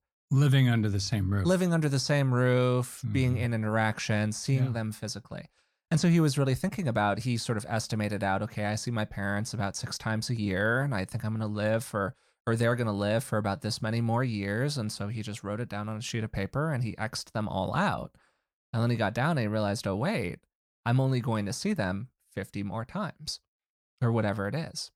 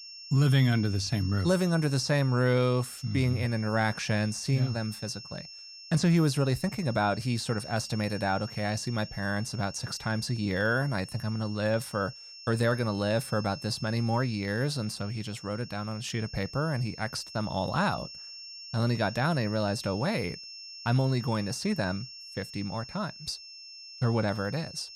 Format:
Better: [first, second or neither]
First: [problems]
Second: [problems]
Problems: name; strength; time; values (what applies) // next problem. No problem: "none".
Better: first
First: none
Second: high-pitched whine; noticeable; throughout; 5.5 kHz, 15 dB below the speech